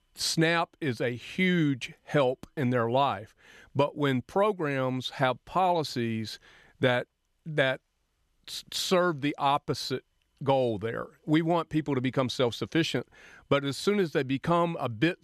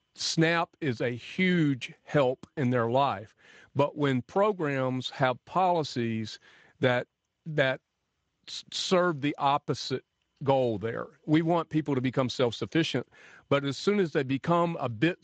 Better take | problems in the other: first | garbled, watery; slightly; nothing above 7.5 kHz

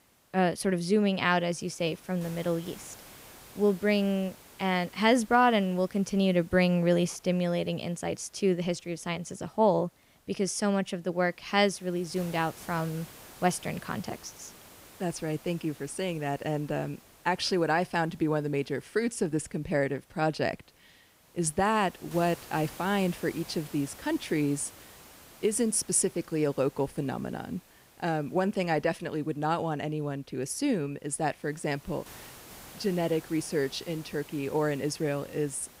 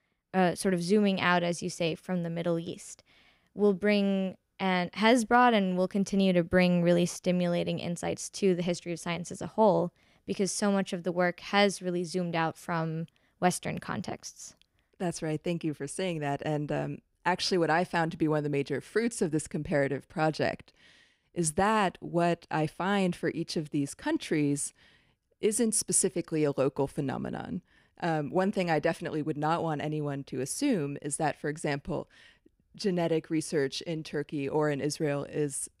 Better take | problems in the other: second | hiss; faint; throughout; 20 dB below the speech

